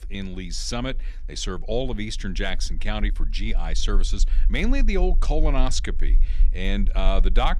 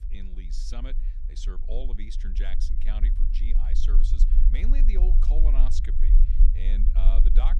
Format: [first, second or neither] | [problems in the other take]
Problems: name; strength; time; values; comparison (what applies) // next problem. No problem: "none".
first | low rumble; loud; throughout; 6 dB below the speech; faint in the first